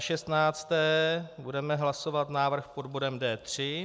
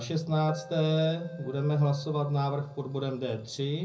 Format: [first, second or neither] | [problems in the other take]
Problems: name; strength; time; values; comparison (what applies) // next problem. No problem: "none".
first | background sound (Keyboard (musical)); 19 dB below the speech // room echo; dies away in 0.4 s